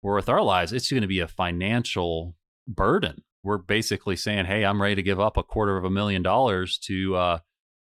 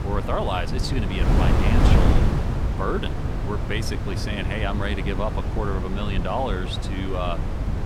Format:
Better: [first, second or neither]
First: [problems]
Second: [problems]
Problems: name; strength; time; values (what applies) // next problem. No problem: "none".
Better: first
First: none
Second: wind noise on the microphone; heavy; 3 dB below the speech